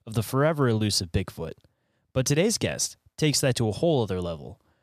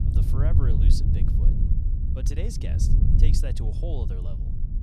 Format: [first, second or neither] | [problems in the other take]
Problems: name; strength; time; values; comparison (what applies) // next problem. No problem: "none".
first | low rumble; loud; throughout; as loud as the speech